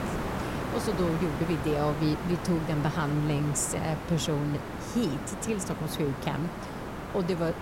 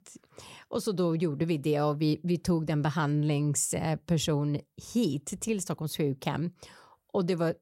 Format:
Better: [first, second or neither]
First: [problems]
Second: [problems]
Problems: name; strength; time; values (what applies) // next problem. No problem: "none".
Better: second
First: hiss; loud; throughout; 5 dB below the speech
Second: none